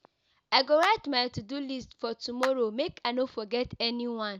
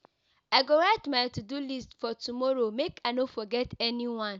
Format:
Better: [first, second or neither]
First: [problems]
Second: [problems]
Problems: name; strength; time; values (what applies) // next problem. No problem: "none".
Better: second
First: background sound (Clapping); 13 dB below the speech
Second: none